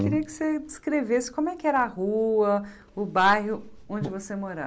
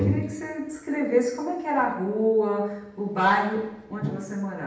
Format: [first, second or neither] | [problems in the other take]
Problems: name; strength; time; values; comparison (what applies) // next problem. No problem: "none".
first | room echo; dies away in 0.9 s